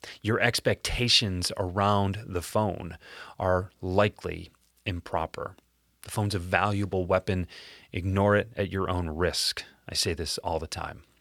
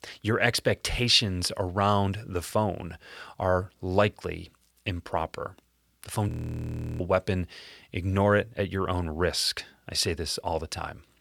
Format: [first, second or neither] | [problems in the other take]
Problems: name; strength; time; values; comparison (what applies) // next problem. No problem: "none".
first | audio freezing; at 6.5 s for 0.5 s